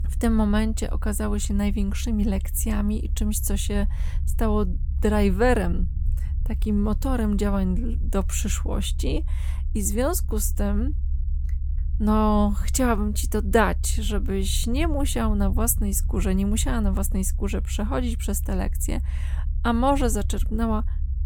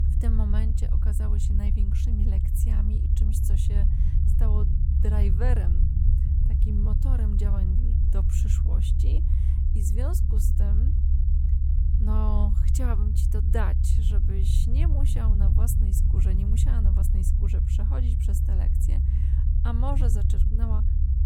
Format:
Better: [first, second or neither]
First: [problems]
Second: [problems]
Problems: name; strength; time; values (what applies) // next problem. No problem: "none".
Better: first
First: low rumble; faint; throughout; 20 dB below the speech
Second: low rumble; loud; throughout; 1 dB below the speech